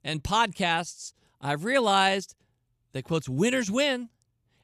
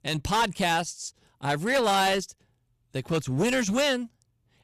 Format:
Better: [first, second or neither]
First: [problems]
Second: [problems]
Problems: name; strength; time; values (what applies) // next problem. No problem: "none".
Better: first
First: none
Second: distortion; heavy; 10% of the sound clipped